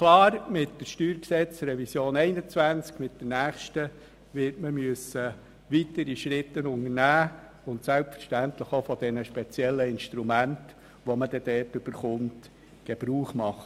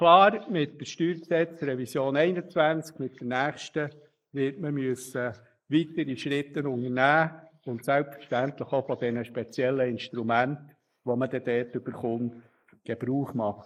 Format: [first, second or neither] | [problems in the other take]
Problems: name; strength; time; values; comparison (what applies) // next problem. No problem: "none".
first | noise reduction (neural mask model Resemble Enhance denoiser)